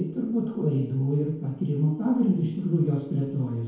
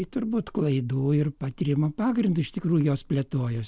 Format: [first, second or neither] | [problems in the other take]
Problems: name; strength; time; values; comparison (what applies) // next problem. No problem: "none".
second | room echo; dies away in 0.9 s